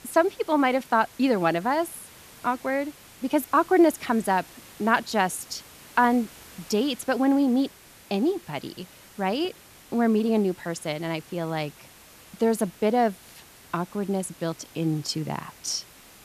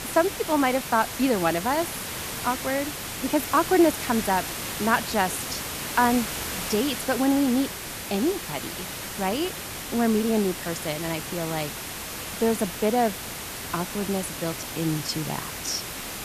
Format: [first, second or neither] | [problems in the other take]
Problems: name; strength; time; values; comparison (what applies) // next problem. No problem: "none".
first | hiss; loud; throughout; 6 dB below the speech; faint in the first